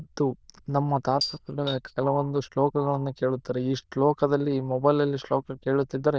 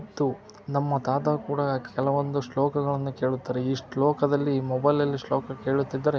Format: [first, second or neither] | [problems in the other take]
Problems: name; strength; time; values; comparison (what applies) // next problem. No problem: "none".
second | noise reduction (neural diffusion model UNIVERSE++)